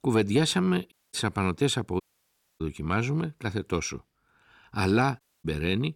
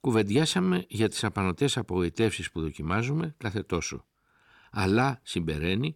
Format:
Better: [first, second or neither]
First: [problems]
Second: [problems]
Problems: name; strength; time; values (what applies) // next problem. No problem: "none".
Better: second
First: audio cutting out; at 1 s, at 2 s for 0.5 s and at 5 s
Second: none